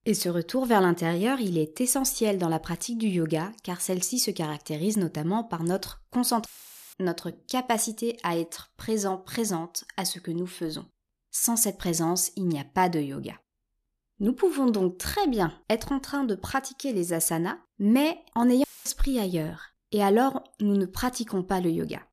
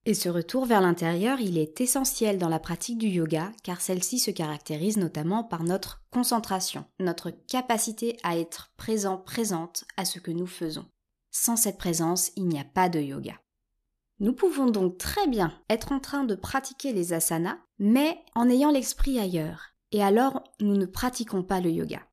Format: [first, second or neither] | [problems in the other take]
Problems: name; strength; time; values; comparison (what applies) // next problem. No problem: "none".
second | audio cutting out; filled with static; at 6.5 s and at 19 s